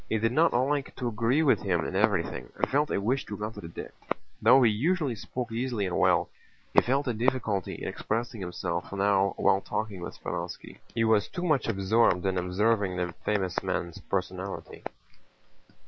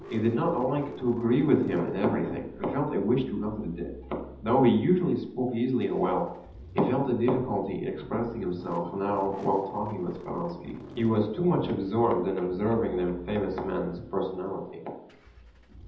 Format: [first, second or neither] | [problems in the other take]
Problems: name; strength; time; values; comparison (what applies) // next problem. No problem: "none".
first | background sound (Engine starting / Car); 18 dB below the speech // room echo; dies away in 0.8 s